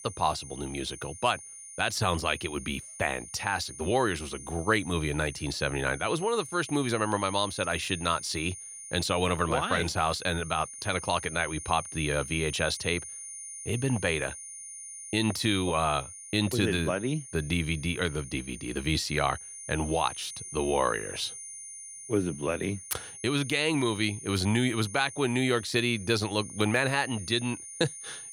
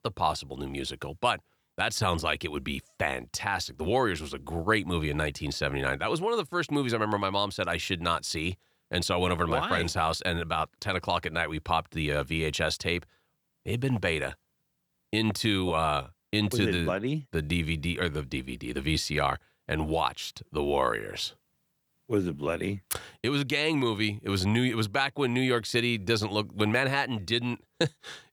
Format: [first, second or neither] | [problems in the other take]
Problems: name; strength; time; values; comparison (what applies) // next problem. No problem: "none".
second | high-pitched whine; noticeable; throughout; 9.5 kHz, 10 dB below the speech